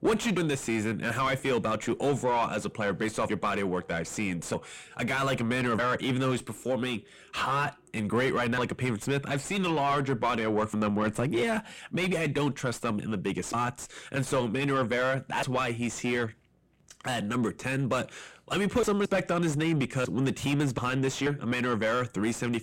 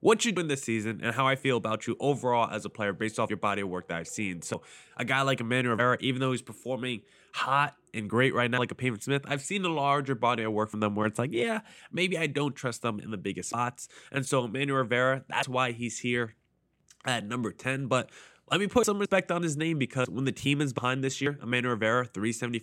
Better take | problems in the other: second | distortion; heavy; 6 dB below the speech

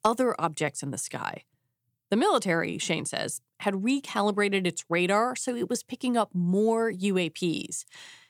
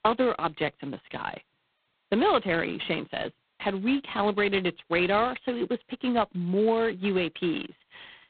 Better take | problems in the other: first | phone-call audio; poor line; nothing above 4 kHz

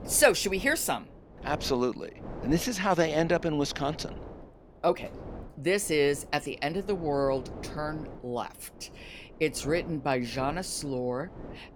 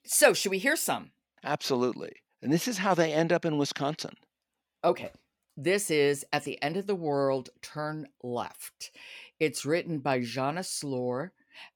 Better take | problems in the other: second | wind noise on the microphone; occasional gusts; 20 dB below the speech

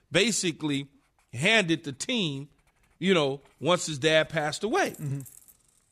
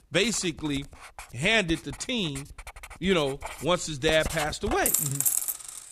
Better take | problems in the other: first | household noises; loud; throughout; 1 dB below the speech; faint in the first

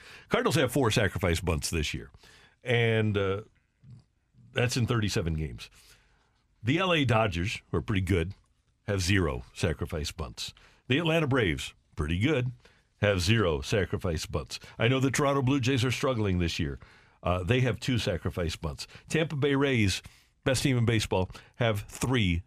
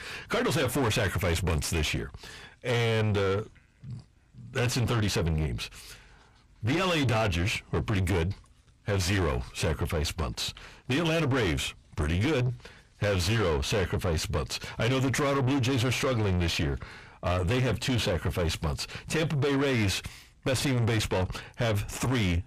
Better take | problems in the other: first | distortion; heavy; 6 dB below the speech

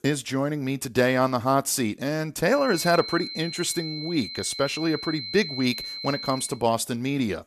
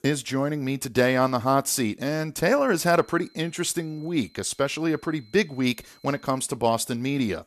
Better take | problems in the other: second | high-pitched whine; loud; from 2.5 to 6.5 s; 4 kHz, 8 dB below the speech; faint in the second

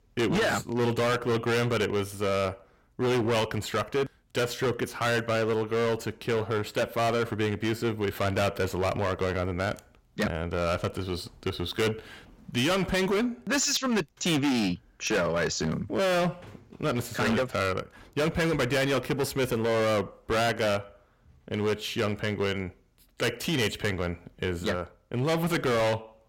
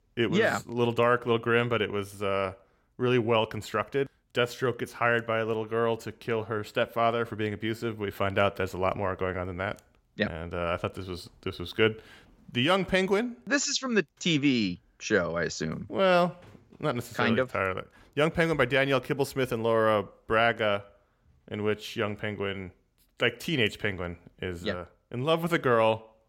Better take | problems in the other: second | distortion; heavy; 17% of the sound clipped

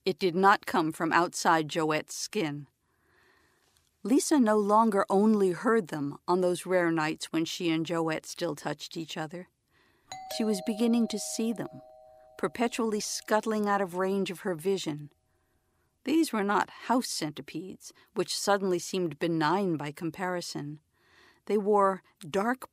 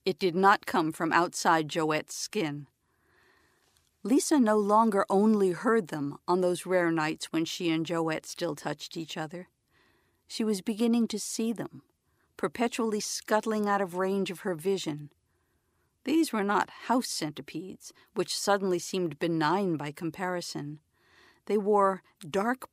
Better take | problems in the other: second | doorbell; faint; from 10 to 12 s; peak 10 dB below the speech

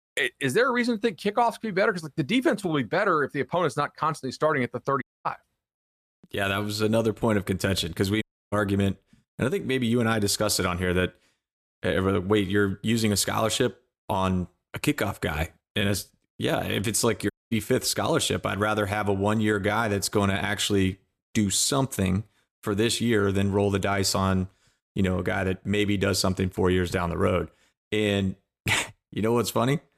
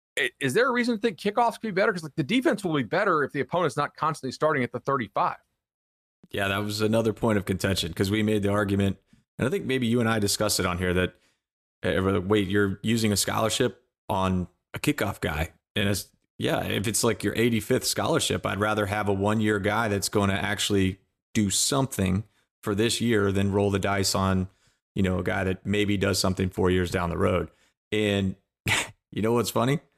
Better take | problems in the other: second | audio cutting out; at 5 s, at 8 s and at 17 s

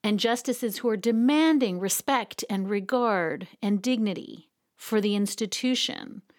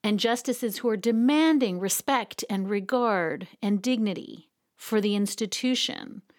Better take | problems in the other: neither | none

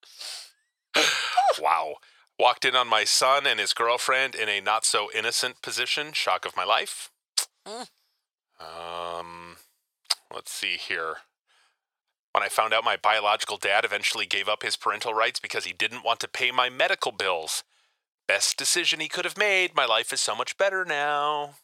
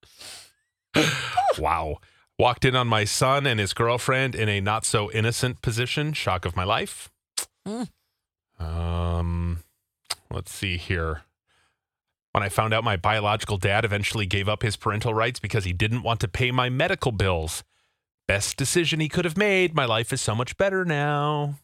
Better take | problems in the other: second | thin; very; fading below 650 Hz

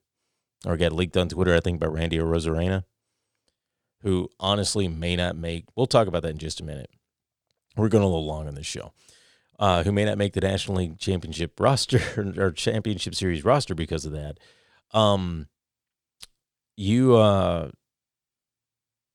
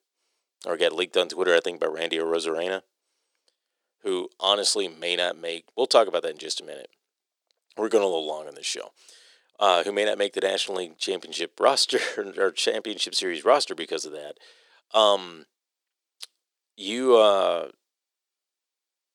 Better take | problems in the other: first | thin; very; fading below 350 Hz

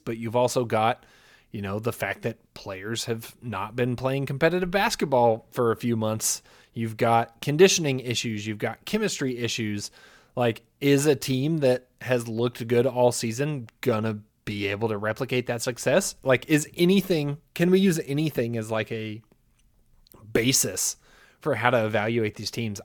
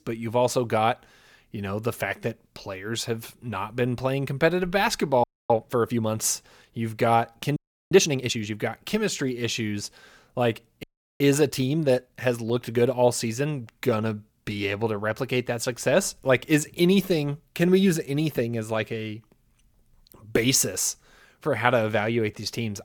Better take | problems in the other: first | audio freezing; at 5 s, at 7.5 s and at 11 s

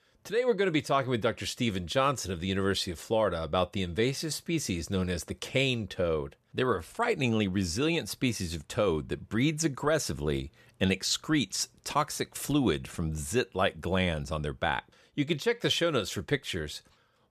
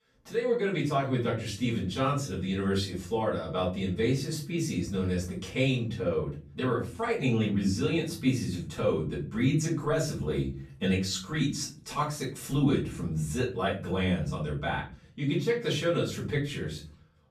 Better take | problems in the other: first | room echo; slight; dies away in 0.6 s // off-mic speech; far

